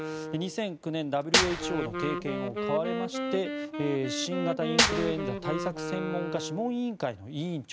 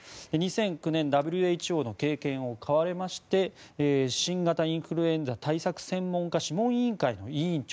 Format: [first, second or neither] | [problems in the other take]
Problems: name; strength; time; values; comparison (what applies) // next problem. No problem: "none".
second | background sound (Wind instrument, woodwind instrument + Clapping / Drum kit); as loud as the speech